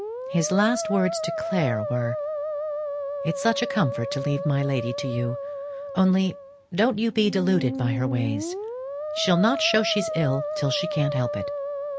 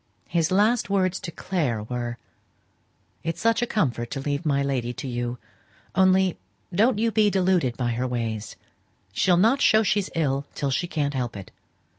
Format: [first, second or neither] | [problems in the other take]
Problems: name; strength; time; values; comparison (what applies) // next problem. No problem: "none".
second | background sound (Musical instrument); 5 dB below the speech